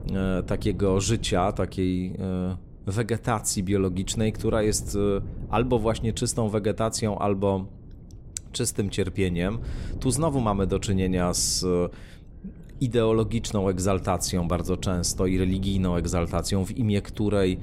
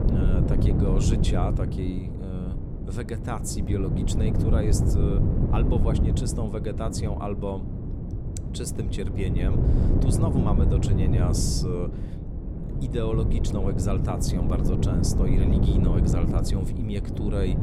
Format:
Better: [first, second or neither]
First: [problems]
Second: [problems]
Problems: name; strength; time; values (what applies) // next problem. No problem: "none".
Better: first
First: wind noise on the microphone; occasional gusts; 20 dB below the speech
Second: wind noise on the microphone; heavy; 1 dB below the speech